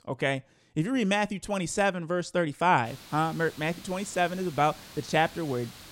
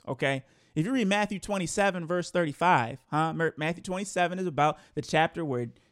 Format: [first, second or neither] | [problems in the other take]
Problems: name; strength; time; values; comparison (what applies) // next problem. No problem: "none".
second | hiss; noticeable; from 3 s on; 20 dB below the speech